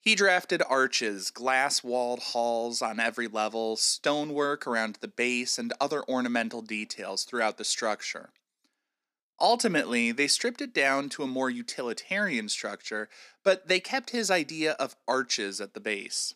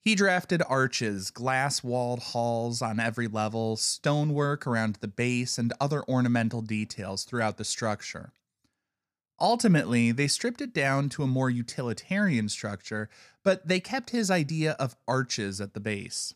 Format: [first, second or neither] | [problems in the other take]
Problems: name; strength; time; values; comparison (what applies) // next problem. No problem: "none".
second | thin; somewhat; fading below 250 Hz